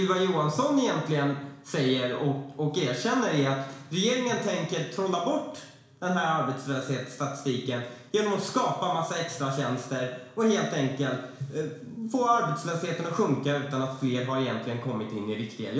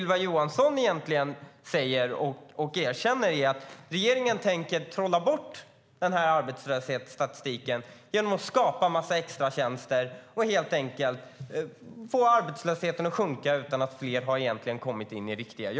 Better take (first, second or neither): second